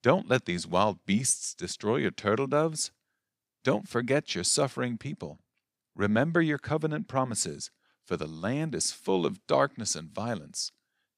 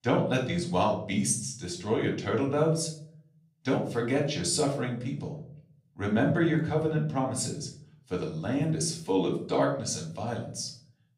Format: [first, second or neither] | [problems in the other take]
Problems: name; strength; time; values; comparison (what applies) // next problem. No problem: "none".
first | off-mic speech; far // room echo; slight; dies away in 0.6 s